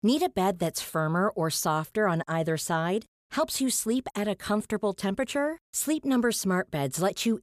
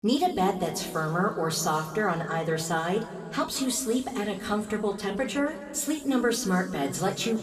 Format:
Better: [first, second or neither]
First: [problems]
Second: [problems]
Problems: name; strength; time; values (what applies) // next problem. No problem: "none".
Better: first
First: none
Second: room echo; slight; dies away in 2 s // off-mic speech; somewhat distant